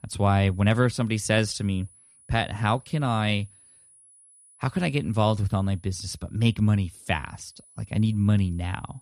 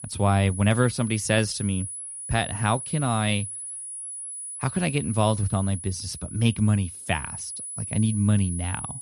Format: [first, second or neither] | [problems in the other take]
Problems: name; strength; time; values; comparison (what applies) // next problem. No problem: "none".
first | high-pitched whine; loud; throughout; 10 kHz, 8 dB below the speech; faint in the first